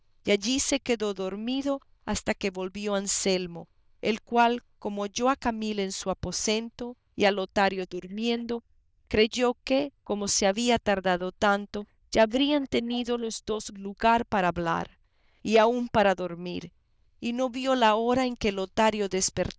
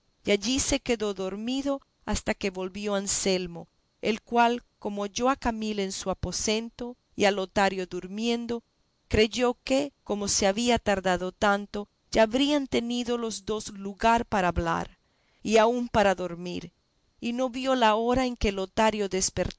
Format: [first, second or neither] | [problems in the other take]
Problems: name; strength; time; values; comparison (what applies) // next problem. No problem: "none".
second | noise reduction (neural diffusion model UNIVERSE++)